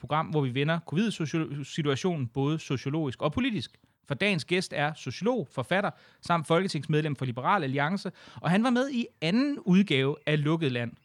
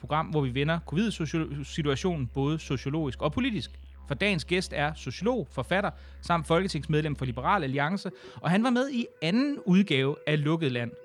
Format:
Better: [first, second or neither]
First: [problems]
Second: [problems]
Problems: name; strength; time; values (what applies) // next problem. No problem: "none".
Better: first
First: none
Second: background music; faint; throughout; 20 dB below the speech